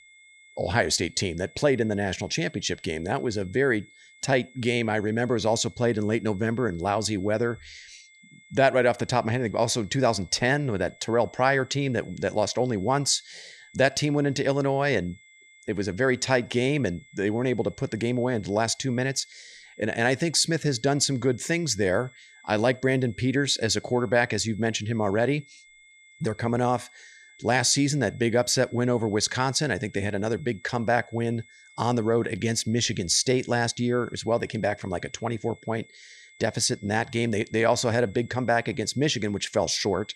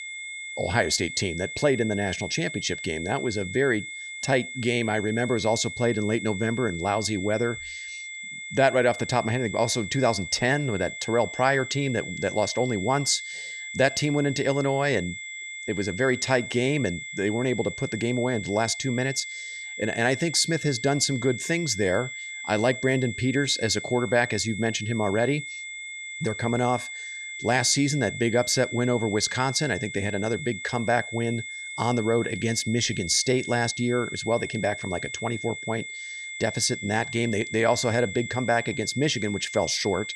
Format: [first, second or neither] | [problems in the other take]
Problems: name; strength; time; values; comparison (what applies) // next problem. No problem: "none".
first | high-pitched whine; loud; throughout; 2 kHz, 9 dB below the speech; faint in the first